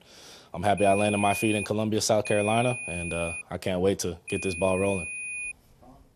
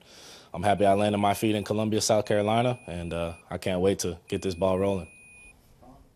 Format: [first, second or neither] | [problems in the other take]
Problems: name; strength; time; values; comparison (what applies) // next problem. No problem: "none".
second | high-pitched whine; loud; at 1 s, from 2.5 to 3.5 s and from 4.5 to 5.5 s; 2.5 kHz, 6 dB below the speech; faint in the second